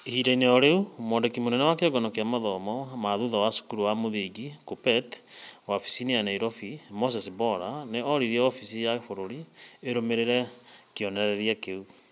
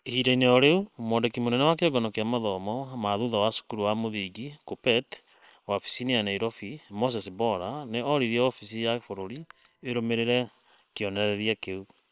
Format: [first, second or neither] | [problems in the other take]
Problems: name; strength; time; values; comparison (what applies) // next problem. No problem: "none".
first | noise reduction (neural separator model SepFormer WHAM!)